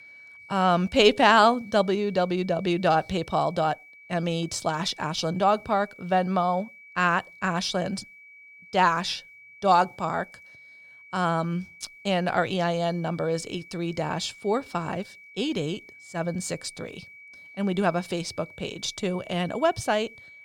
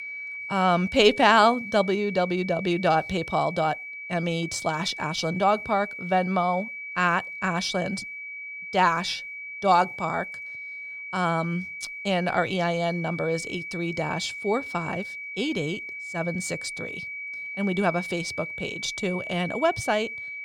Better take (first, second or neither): first